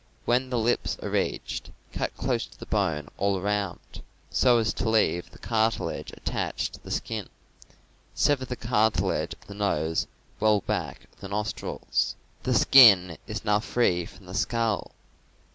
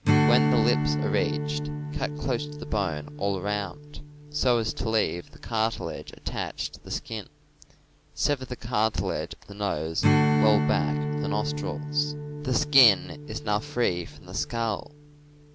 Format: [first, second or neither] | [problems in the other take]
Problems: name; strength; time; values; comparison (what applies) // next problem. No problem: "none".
first | background sound (Strum); 1 dB below the speech